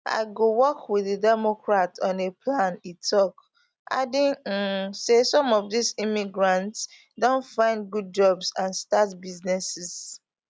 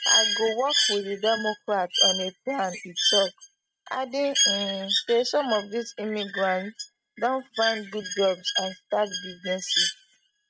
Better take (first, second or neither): first